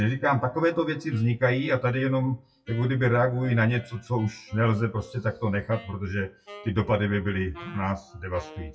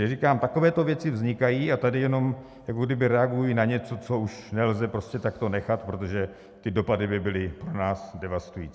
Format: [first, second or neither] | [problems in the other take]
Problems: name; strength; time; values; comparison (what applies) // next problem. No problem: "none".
second | noise reduction (classical method WPE with log-MMSE)